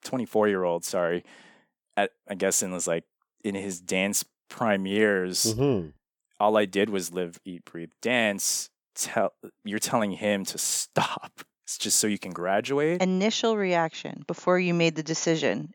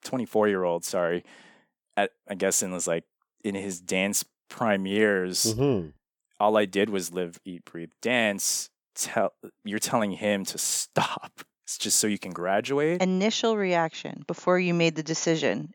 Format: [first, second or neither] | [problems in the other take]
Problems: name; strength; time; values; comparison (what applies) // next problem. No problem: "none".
neither | none